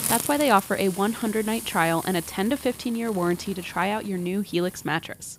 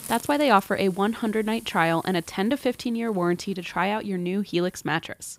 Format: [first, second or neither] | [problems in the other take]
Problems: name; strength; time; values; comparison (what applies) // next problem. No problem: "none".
second | hiss; loud; throughout; 10 dB below the speech; faint in the second